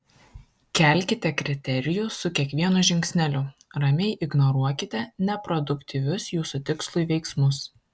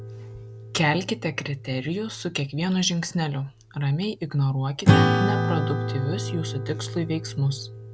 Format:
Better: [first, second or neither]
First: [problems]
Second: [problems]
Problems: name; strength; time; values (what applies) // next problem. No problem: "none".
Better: first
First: none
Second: background sound (Acoustic guitar / Strum); as loud as the speech